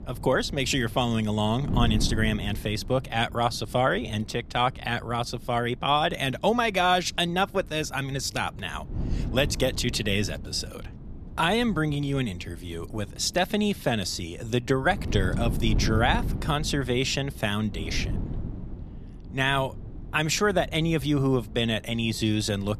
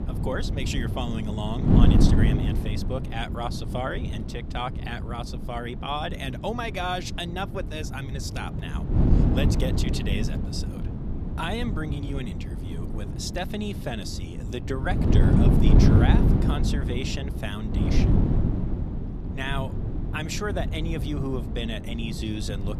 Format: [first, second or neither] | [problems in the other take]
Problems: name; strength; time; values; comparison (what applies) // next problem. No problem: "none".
first | wind noise on the microphone; heavy; 2 dB below the speech; occasional gusts in the first